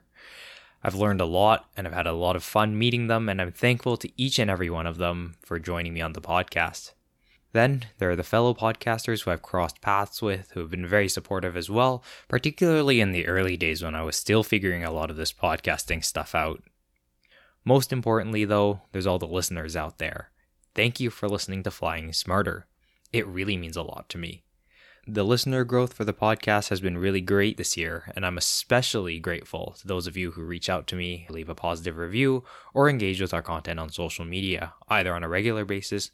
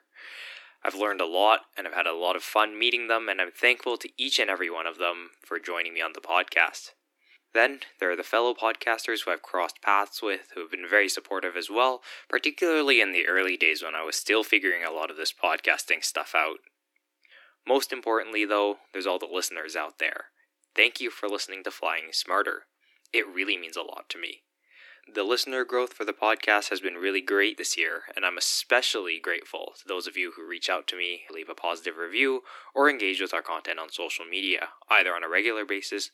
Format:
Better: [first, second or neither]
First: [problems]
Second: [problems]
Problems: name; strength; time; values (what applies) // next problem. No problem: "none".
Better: first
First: none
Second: thin; somewhat; fading below 300 Hz